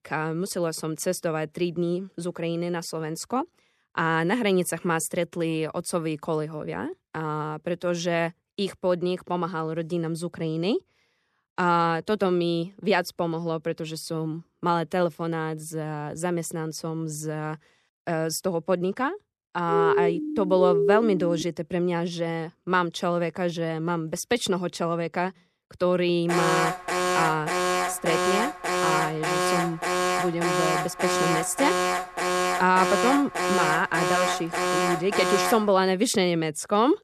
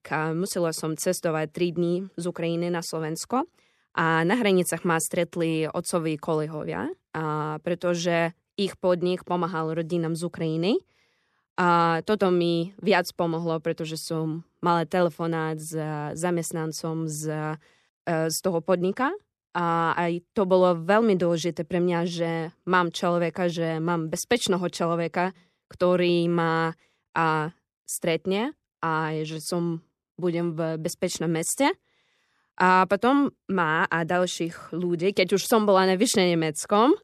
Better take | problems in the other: second | siren; loud; from 20 to 21 s; peak 4 dB above the speech // alarm; loud; from 26 to 36 s; peak 3 dB above the speech

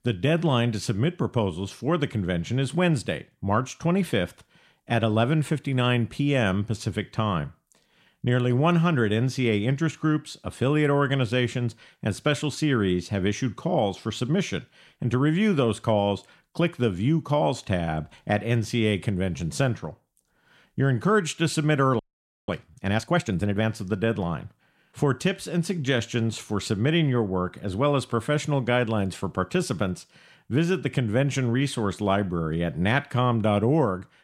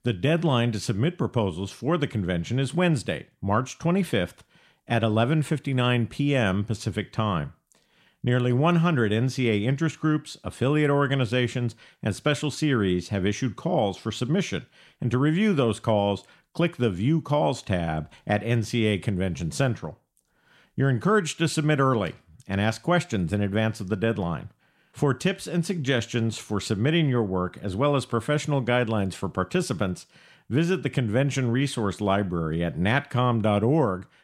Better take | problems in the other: second | audio freezing; at 22 s

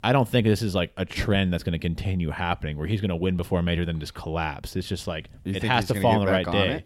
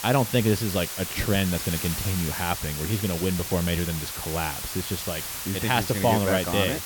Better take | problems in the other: first | hiss; loud; throughout; 5 dB below the speech

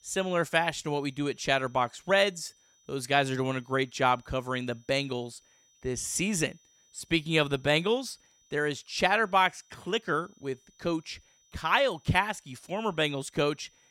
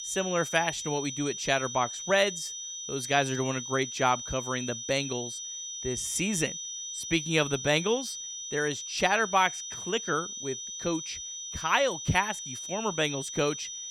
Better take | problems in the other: first | high-pitched whine; loud; throughout; 6 kHz, 7 dB below the speech; faint in the first

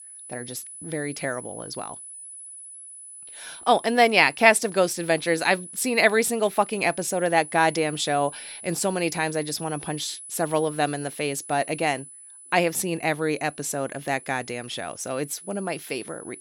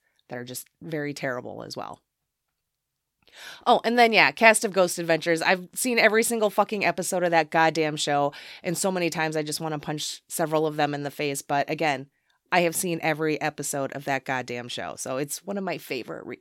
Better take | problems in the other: second | high-pitched whine; noticeable; throughout; 10 kHz, 15 dB below the speech

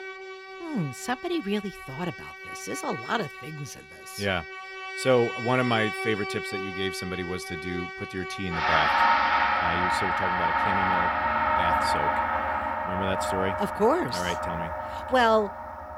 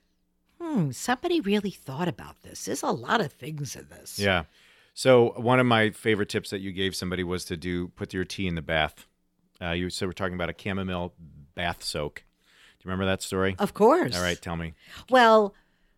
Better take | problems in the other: second | background music; very loud; throughout; 2 dB above the speech

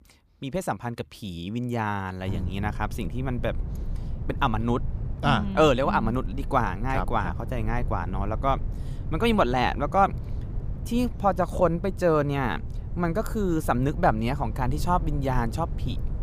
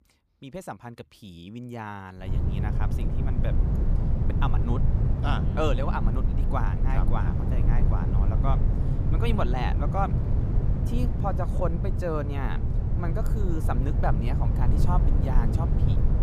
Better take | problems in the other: first | low rumble; loud; from 2.5 s on; 5 dB below the speech; faint in the first

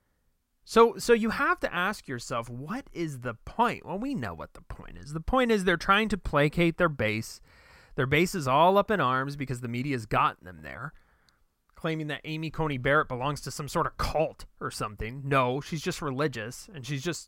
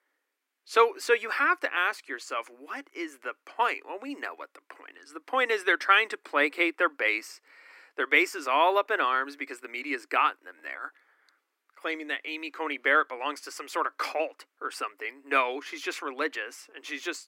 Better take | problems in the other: first | thin; somewhat; fading below 300 Hz

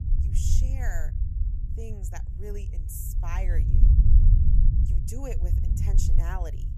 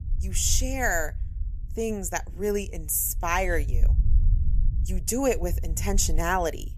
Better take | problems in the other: second | low rumble; loud; throughout; 2 dB below the speech; faint in the second

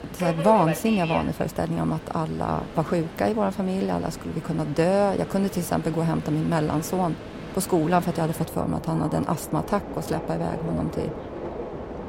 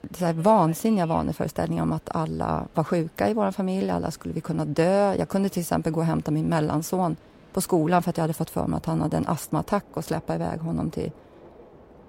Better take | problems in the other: second | train or aircraft noise; loud; throughout; 10 dB below the speech; faint in the second

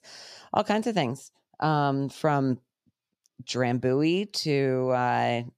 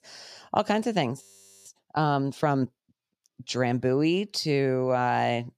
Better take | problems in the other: first | audio freezing; at 1 s

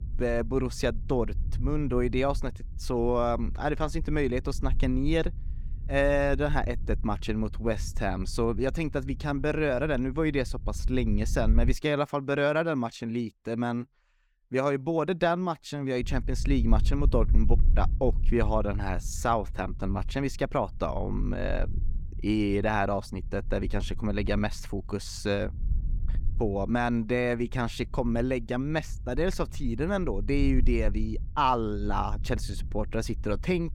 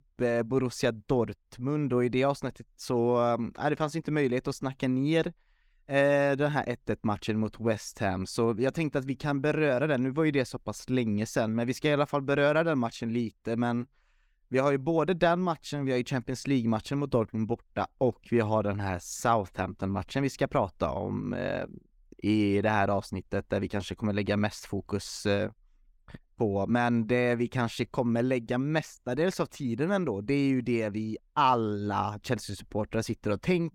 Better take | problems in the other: second | low rumble; faint; until 12 s and from 16 s on; 25 dB below the speech

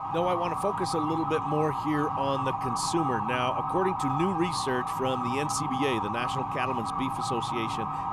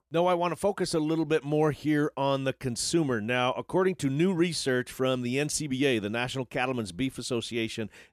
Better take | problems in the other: second | siren; loud; peak 1 dB above the speech

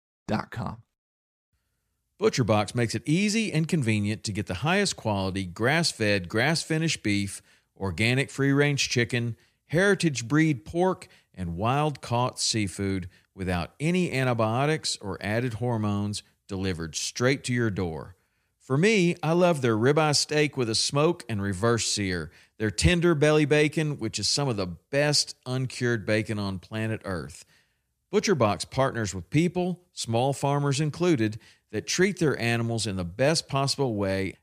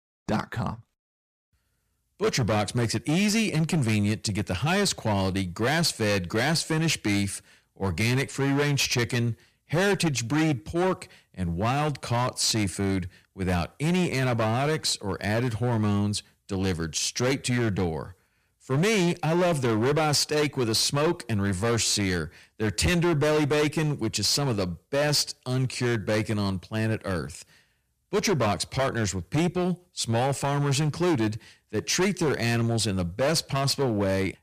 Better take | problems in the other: first | distortion; heavy; 13% of the sound clipped

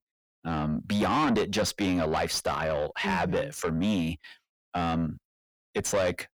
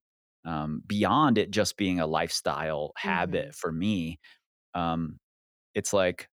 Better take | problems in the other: second | distortion; heavy; 7 dB below the speech

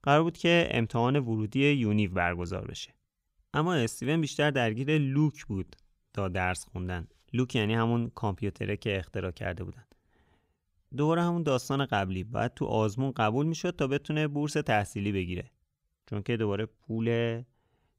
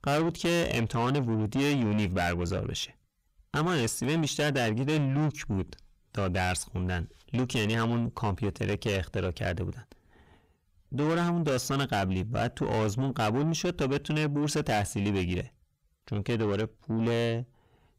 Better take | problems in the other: first | distortion; heavy; 6 dB below the speech

